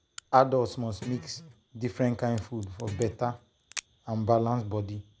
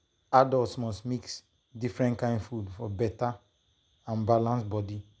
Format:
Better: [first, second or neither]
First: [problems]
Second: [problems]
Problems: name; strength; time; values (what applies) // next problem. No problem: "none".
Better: second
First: background sound (Crack + Guitar); 17 dB below the speech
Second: none